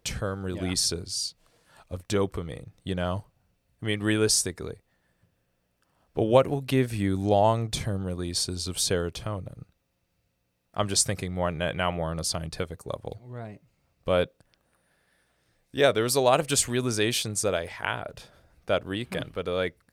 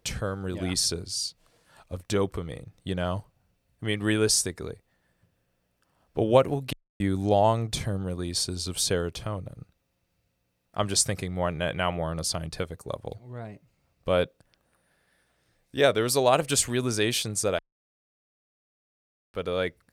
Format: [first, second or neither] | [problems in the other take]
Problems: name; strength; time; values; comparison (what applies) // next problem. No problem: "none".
first | audio cutting out; at 6.5 s and at 18 s for 2 s